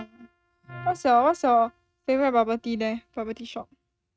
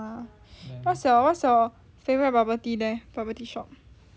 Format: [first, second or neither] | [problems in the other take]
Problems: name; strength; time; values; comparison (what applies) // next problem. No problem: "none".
second | noise reduction (neural mask model RNNoise)